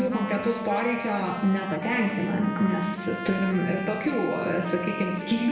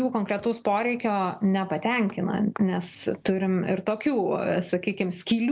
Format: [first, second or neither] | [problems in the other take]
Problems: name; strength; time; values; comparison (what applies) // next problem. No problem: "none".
second | background sound (Trumpet); 10 dB below the speech // room echo; dies away in 1.1 s